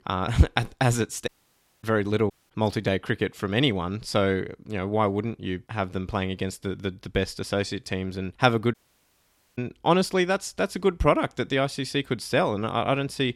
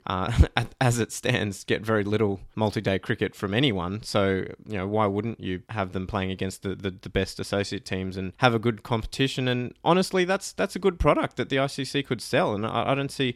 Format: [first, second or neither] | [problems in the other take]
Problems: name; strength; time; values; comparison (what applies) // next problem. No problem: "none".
second | audio cutting out; at 1.5 s for 0.5 s, at 2.5 s and at 8.5 s for 1 s